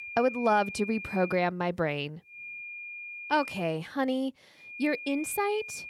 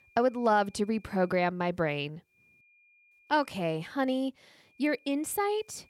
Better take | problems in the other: second | high-pitched whine; loud; until 1.5 s, from 2.5 to 3.5 s and from 4.5 s on; 2.5 kHz, 10 dB below the speech; faint in the second

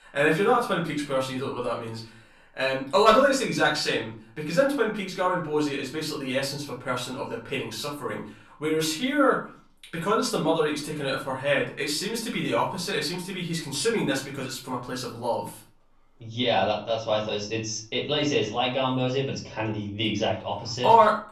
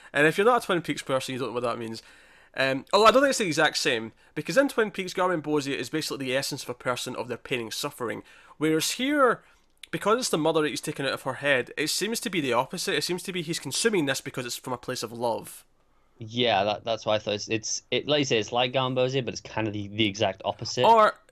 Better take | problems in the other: second | room echo; slight; dies away in 0.4 s // off-mic speech; far

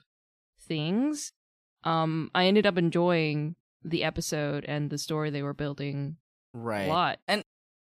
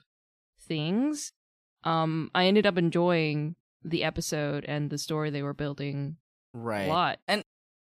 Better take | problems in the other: neither | none

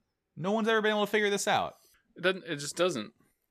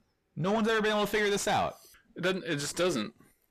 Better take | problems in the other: first | distortion; heavy; 7 dB below the speech

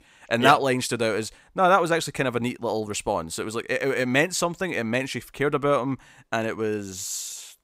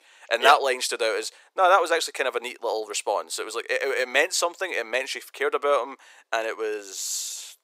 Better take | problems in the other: first | thin; very; fading below 400 Hz

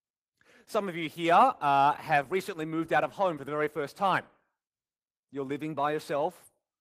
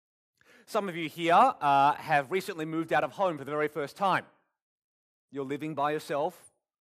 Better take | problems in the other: second | garbled, watery; slightly; nothing above 15 kHz

